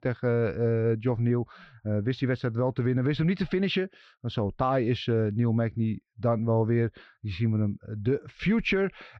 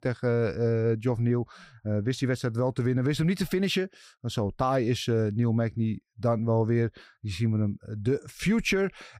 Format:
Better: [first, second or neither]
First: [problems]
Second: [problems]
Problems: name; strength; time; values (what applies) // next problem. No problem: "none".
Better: second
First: muffled; slightly; fading above 4 kHz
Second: none